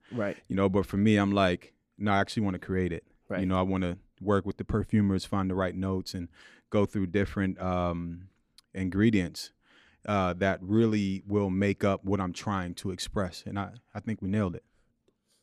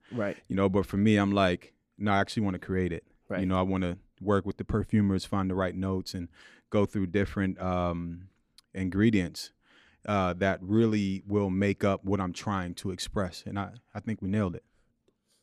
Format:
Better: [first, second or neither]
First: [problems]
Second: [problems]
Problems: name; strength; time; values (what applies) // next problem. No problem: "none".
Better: neither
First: none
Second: none